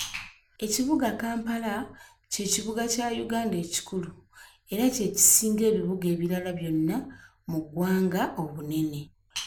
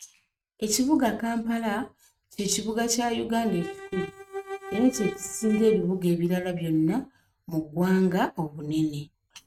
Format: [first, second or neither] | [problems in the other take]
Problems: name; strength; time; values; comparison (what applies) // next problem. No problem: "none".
first | noise reduction (neural mask model RNNoise)